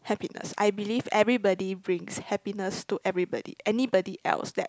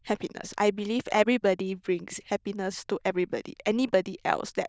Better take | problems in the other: first | noise reduction (neural diffusion model UNIVERSE++)

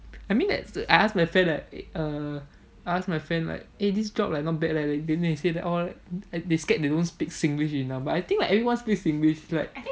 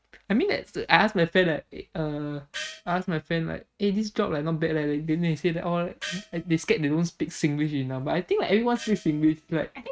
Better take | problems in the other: first | noise reduction (neural mask model RNNoise)

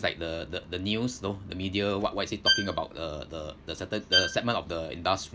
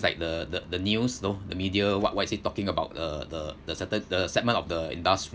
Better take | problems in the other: second | background sound (Bowed string instrument); 1 dB above the speech

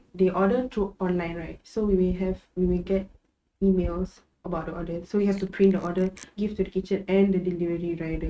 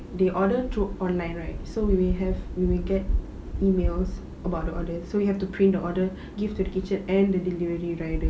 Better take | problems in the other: second | noise reduction (neural mask model RNNoise)

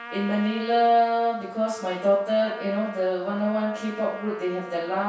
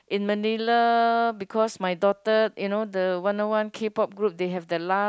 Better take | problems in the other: second | background sound (Trumpet); 15 dB below the speech // room echo; dies away in 0.7 s

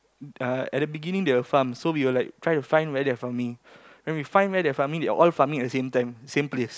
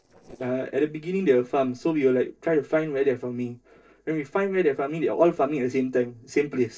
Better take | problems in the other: first | noise reduction (neural separator model SepFormer DNS4)

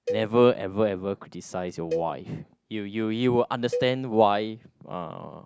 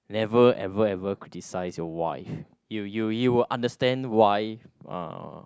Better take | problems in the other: second | background sound (Cowbell); 12 dB below the speech

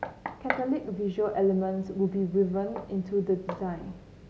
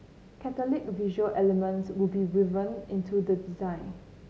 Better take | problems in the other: second | background sound (Knock); 12 dB below the speech

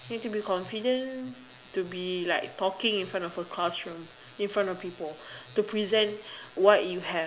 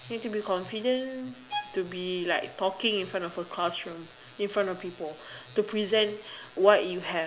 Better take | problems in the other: first | background sound (Bowed string instrument); 12 dB below the speech

